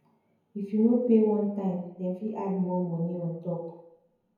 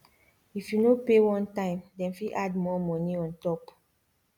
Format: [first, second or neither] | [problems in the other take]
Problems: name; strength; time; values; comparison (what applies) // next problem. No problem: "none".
second | room echo; dies away in 0.9 s